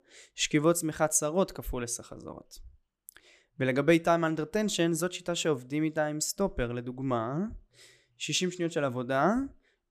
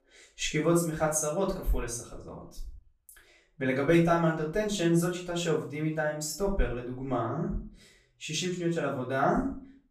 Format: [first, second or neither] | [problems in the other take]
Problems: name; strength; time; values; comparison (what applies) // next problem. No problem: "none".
first | room echo; slight; dies away in 0.4 s // off-mic speech; far